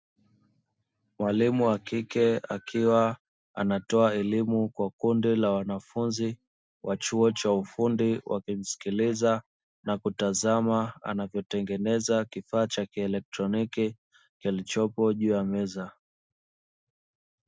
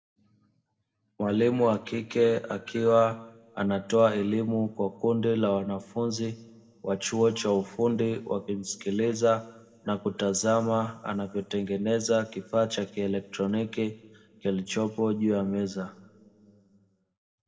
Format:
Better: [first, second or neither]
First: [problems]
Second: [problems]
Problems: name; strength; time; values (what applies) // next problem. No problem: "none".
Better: first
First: none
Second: room echo; dies away in 1.6 s